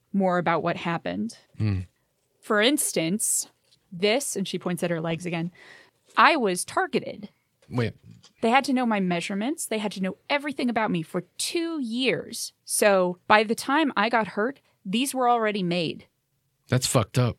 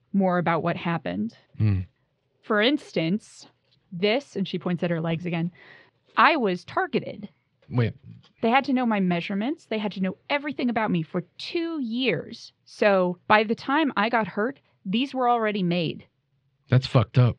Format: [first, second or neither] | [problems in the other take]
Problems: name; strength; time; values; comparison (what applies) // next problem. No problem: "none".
first | muffled; slightly; fading above 4 kHz